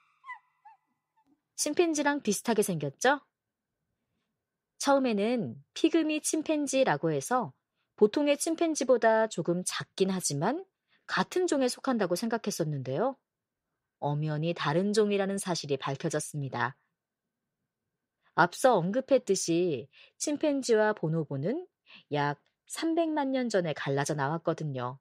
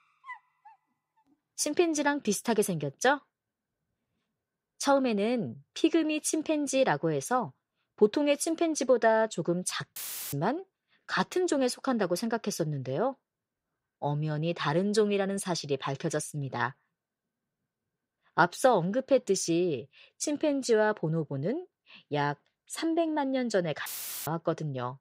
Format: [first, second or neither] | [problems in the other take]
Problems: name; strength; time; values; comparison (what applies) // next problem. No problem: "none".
first | audio cutting out; filled with static; at 10 s and at 24 s